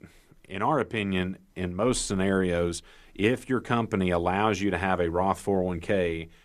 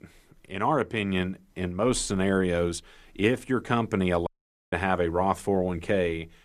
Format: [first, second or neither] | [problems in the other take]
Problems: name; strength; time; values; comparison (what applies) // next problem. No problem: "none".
first | audio cutting out; at 4.5 s